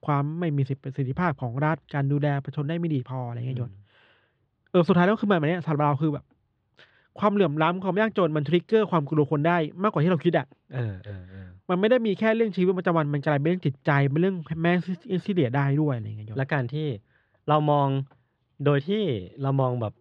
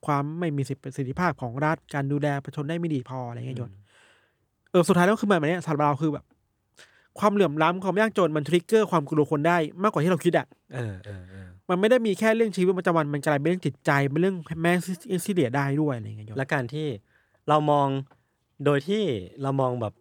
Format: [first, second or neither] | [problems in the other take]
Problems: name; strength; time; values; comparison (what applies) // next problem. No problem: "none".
second | muffled; slightly; fading above 3.5 kHz